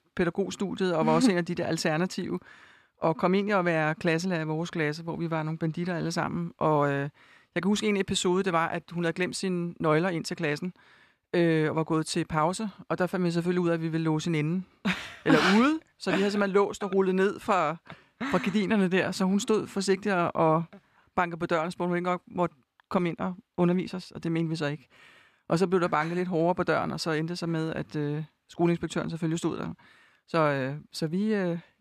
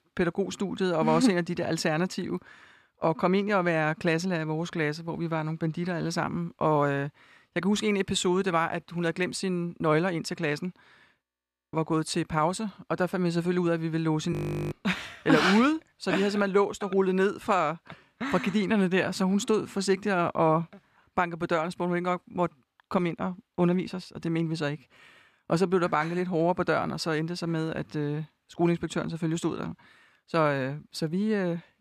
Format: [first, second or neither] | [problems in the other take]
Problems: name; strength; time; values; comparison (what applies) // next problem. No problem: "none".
first | audio freezing; at 11 s for 0.5 s and at 14 s